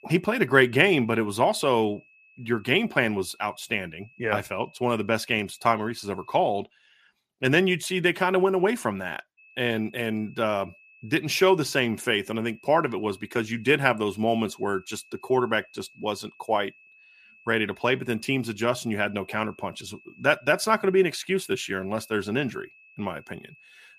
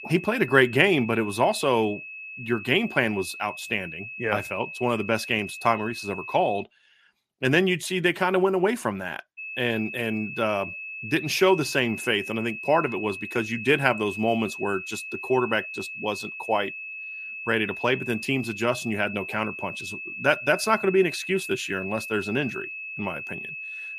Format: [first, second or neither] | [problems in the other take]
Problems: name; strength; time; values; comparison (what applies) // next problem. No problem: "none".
first | high-pitched whine; loud; until 6.5 s and from 9.5 s on; 2.5 kHz, 9 dB below the speech; faint in the first